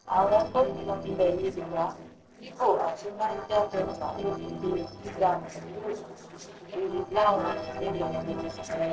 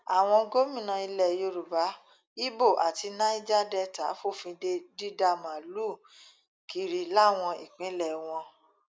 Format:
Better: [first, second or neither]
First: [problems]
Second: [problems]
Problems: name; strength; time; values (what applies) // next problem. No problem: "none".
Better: second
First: noise reduction (neural separator model SepFormer DNS4)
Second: none